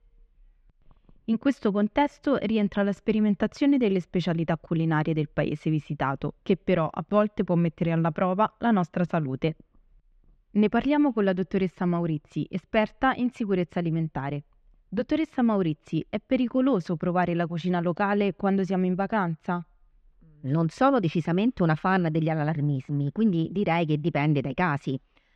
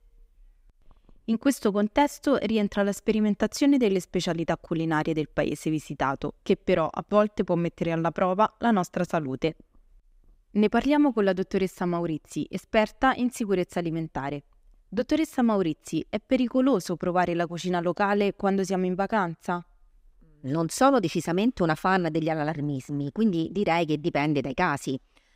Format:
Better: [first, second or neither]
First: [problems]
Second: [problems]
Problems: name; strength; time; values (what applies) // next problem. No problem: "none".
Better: second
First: muffled; slightly; fading above 3 kHz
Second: none